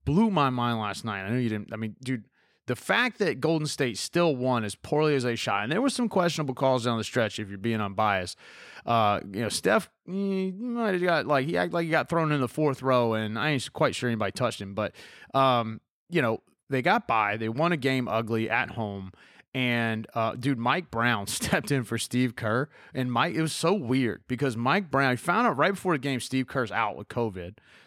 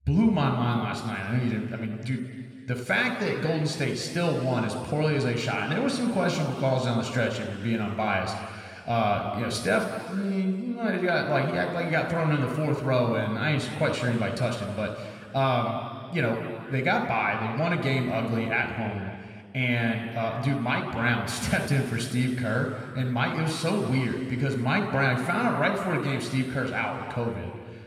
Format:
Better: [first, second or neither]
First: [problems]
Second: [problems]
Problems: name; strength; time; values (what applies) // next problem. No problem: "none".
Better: first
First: none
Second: room echo; noticeable; dies away in 2.1 s // off-mic speech; somewhat distant